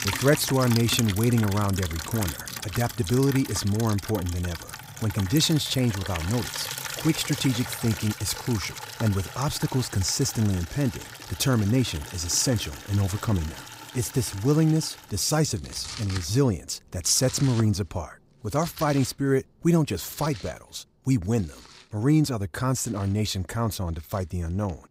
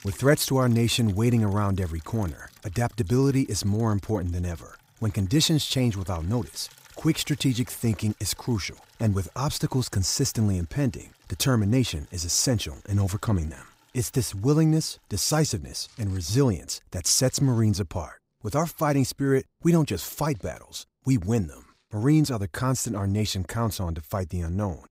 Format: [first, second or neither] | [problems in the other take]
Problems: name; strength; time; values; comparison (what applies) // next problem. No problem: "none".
second | household noises; loud; throughout; 10 dB below the speech; faint in the second